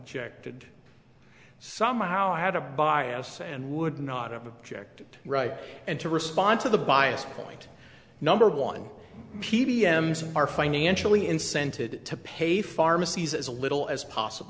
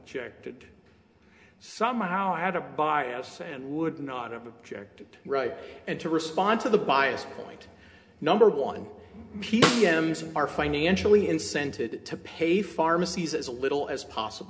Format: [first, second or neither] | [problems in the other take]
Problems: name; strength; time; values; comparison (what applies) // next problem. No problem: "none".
first | background sound (Snare drum); 2 dB below the speech // room echo; dies away in 0.3 s